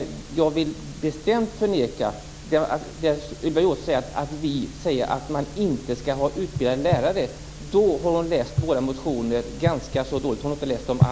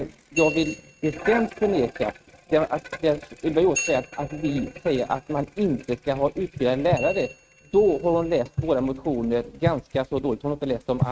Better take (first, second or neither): first